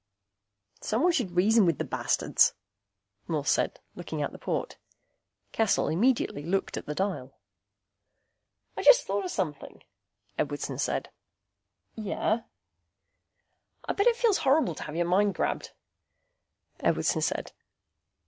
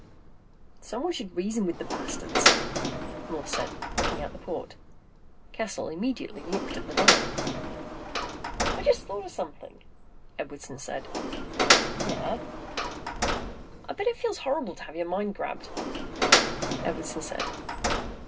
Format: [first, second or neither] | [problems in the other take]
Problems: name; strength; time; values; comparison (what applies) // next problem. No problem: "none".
first | background sound (Door); 4 dB above the speech // room echo; dies away in 0.2 s